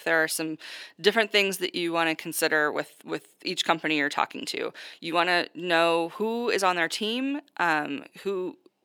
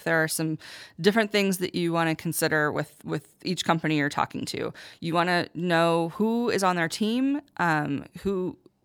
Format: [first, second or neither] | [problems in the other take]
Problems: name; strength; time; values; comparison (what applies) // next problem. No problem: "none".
second | thin; somewhat; fading below 350 Hz